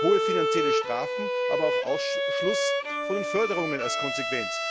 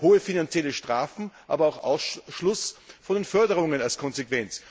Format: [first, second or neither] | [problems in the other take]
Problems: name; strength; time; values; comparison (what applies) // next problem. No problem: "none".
second | background sound (Bowed string instrument); 3 dB above the speech